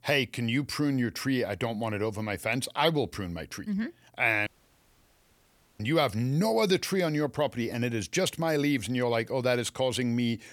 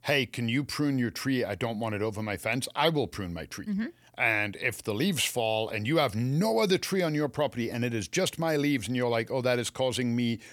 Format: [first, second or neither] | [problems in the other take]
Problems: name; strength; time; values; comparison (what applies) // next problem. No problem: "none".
second | audio cutting out; at 4.5 s for 1.5 s